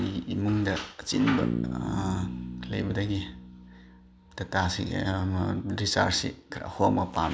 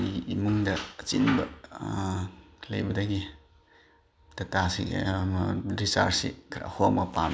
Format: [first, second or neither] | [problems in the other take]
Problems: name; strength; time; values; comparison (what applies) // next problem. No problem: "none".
second | background sound (Bass guitar); 7 dB below the speech